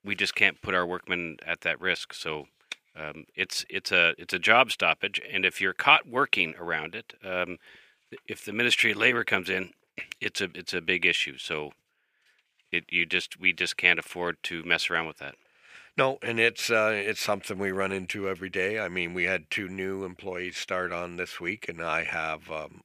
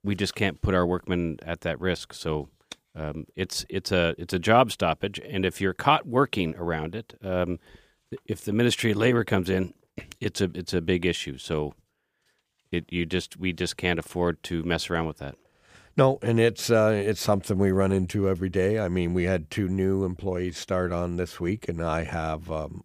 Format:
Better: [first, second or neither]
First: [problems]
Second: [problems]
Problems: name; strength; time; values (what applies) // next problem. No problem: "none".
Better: second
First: thin; somewhat; fading below 450 Hz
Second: none